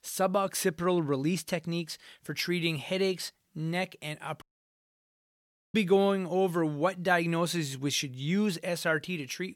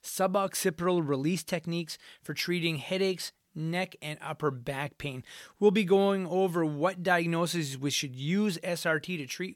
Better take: second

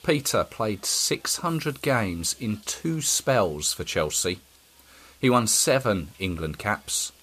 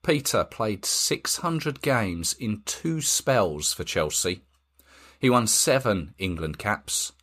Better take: second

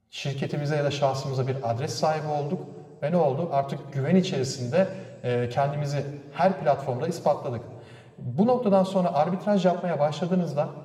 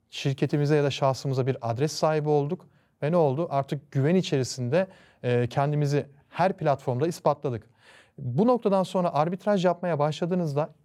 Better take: second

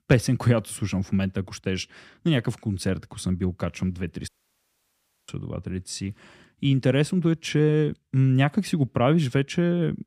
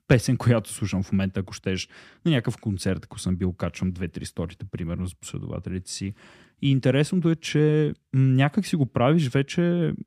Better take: second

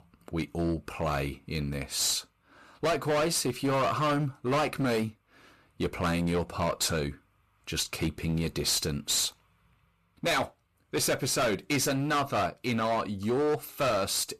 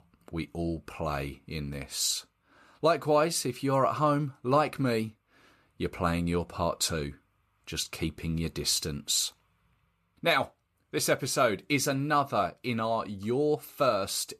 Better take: second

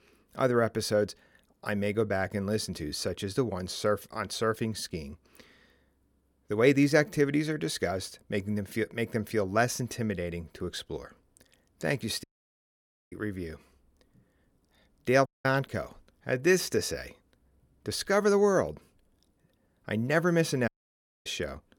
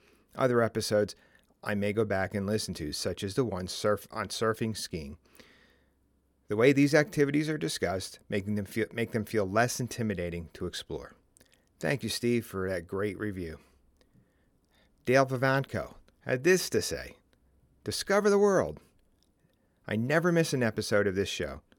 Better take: second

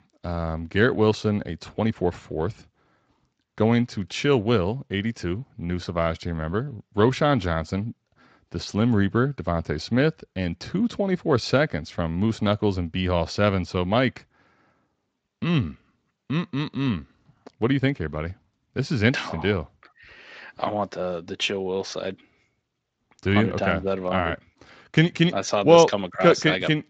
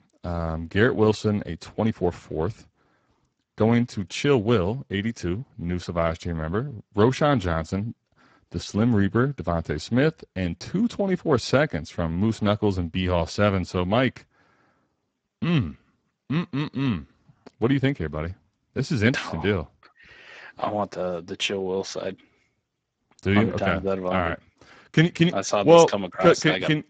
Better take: first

